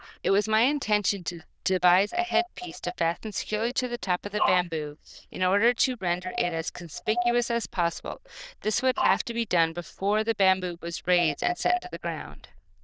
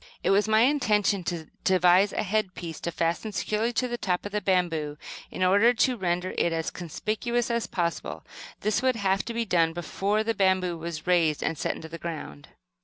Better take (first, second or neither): second